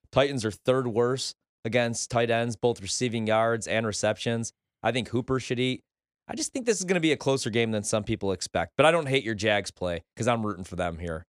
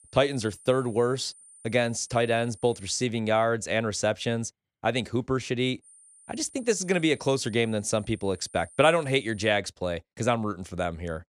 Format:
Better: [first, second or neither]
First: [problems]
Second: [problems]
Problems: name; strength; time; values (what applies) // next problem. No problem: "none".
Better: first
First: none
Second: high-pitched whine; faint; until 3 s and from 6 to 9.5 s; 9 kHz, 25 dB below the speech